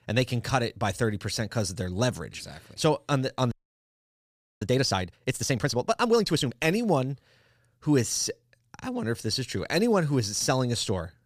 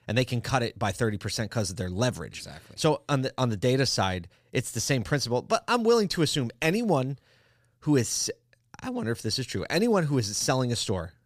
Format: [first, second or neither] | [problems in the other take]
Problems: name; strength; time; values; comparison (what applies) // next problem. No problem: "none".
second | audio freezing; at 3.5 s for 1 s